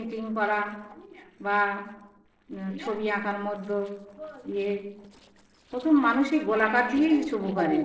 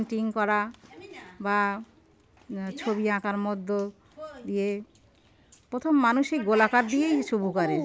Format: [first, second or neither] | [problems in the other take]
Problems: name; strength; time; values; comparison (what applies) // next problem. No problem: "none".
second | noise reduction (neural separator model SepFormer DNS4)